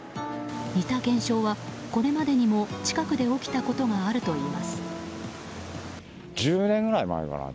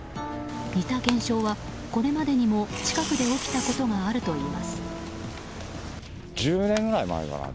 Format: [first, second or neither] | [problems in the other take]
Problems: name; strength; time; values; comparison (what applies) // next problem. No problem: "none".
first | background sound (Tearing); 11 dB below the speech